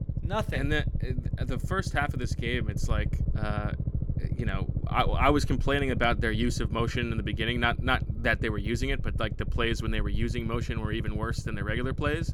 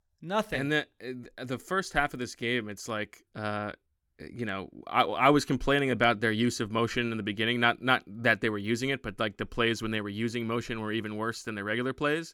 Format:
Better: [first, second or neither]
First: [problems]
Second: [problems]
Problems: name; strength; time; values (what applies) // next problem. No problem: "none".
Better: second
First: low rumble; noticeable; throughout; 15 dB below the speech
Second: none